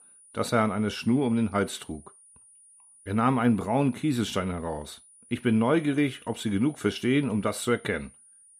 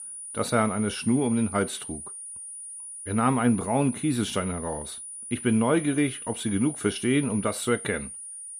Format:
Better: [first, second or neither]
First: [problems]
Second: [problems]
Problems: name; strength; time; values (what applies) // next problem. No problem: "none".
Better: first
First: high-pitched whine; faint; throughout; 9.5 kHz, 25 dB below the speech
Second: high-pitched whine; loud; throughout; 9.5 kHz, 10 dB below the speech